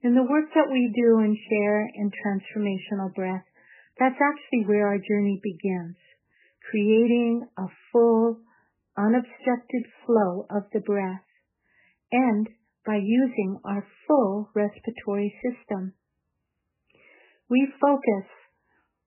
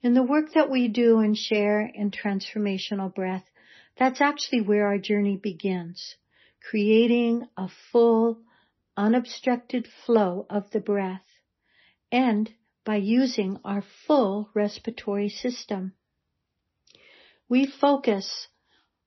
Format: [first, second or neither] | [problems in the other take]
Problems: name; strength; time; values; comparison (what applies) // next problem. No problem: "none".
second | garbled, watery; badly; nothing above 3 kHz; slightly in the second